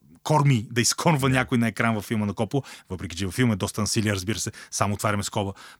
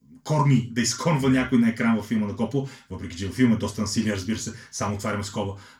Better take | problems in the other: first | room echo; very slight; dies away in 0.3 s // off-mic speech; somewhat distant

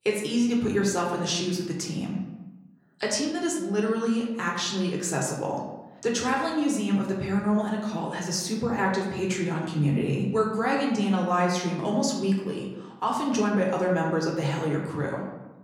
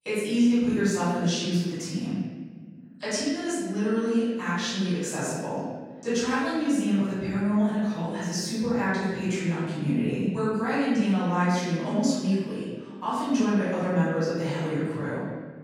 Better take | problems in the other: first | room echo; strong; dies away in 1.4 s; slight in the first // off-mic speech; far; somewhat distant in the first

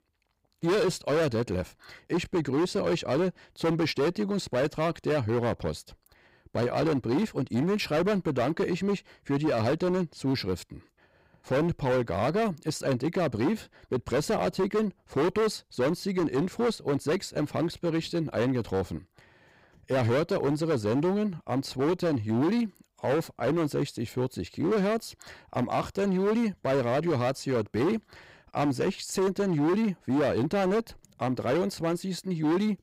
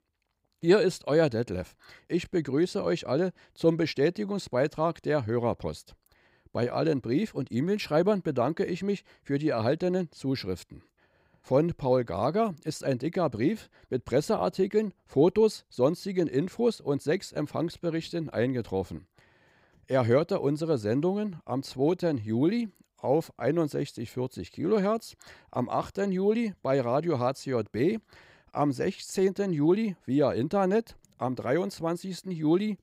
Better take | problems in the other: second | distortion; heavy; 16% of the sound clipped

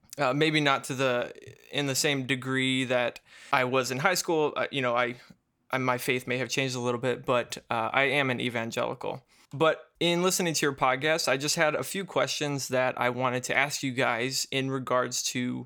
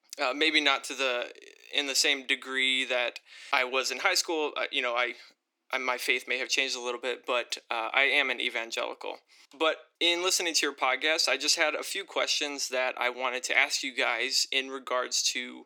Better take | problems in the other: first | thin; somewhat; fading below 300 Hz

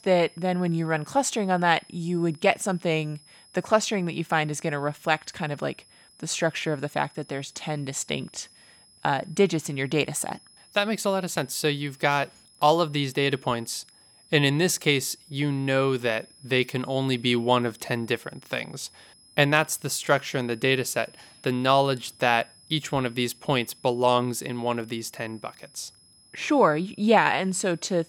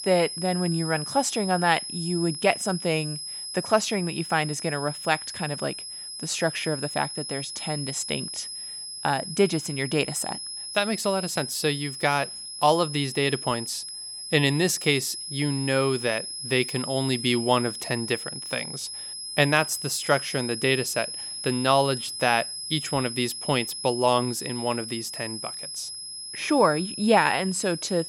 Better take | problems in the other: first | high-pitched whine; loud; throughout; 5 kHz, 7 dB below the speech; faint in the first

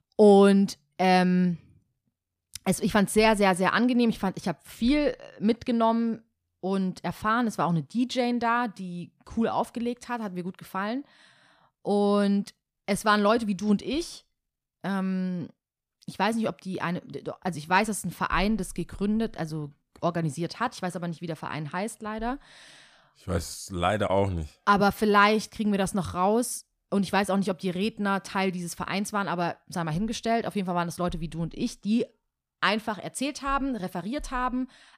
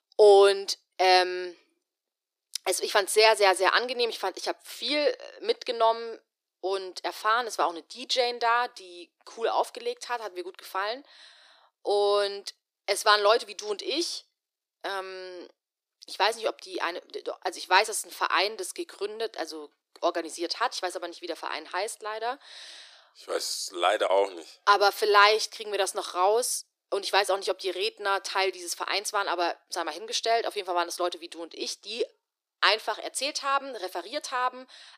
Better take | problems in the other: first | thin; very; fading below 350 Hz

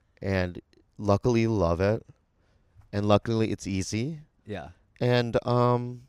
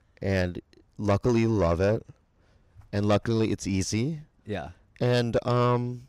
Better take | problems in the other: first | distortion; slight; 10 dB below the speech

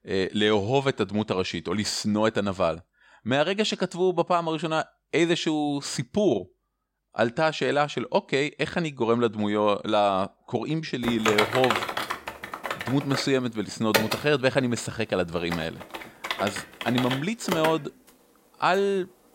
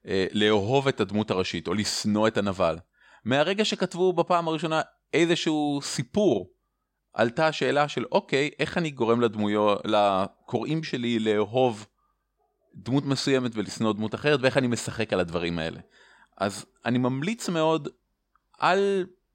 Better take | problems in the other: second | keyboard typing; loud; from 11 to 18 s; peak 2 dB above the speech

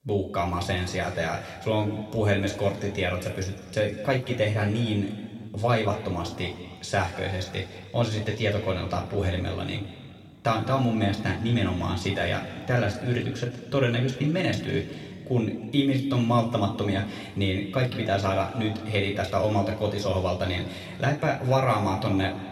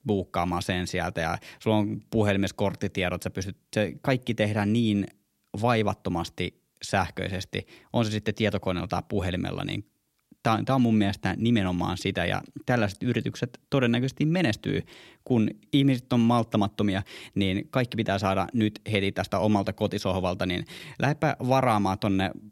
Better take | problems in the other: second | room echo; noticeable; dies away in 1.8 s // off-mic speech; somewhat distant

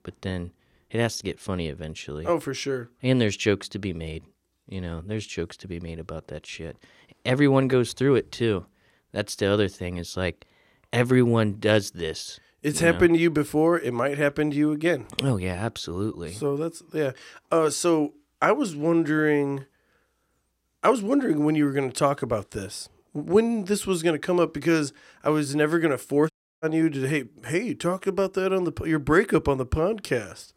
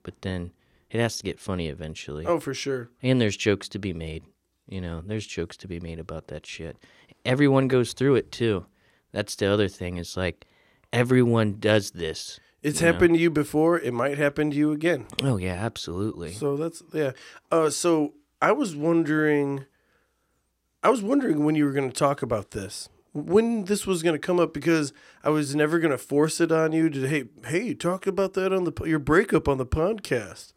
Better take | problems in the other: second | audio cutting out; at 26 s

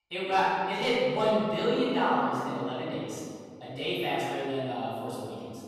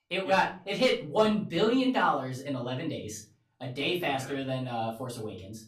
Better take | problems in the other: second | room echo; strong; dies away in 2.1 s; slight in the second // off-mic speech; far; far in the second

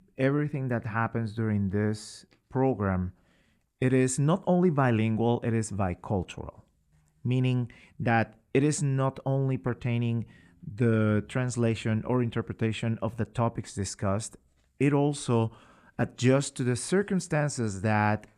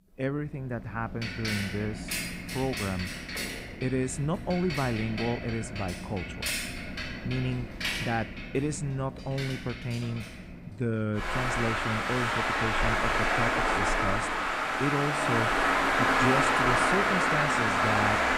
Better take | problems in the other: first | traffic noise; very loud; throughout; 5 dB above the speech

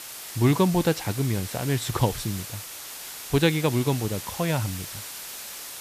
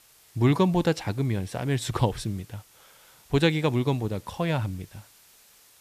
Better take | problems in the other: second | hiss; loud; throughout; 10 dB below the speech; faint in the second

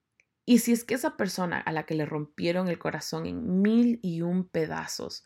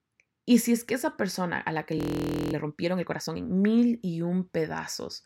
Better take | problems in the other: first | audio freezing; at 2 s for 0.5 s

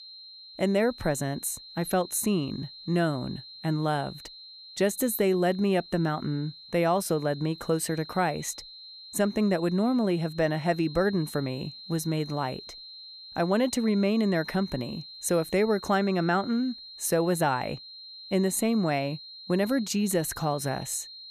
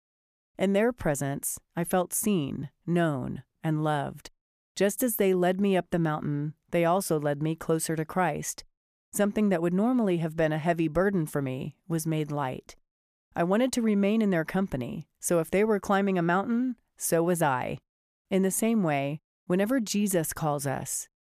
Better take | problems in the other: second | high-pitched whine; noticeable; throughout; 4 kHz, 15 dB below the speech

